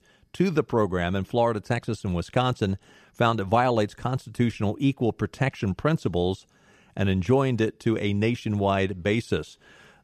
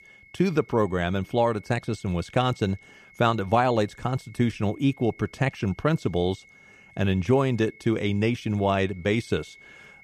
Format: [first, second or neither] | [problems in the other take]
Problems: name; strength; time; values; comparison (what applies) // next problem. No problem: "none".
first | high-pitched whine; faint; throughout; 2 kHz, 25 dB below the speech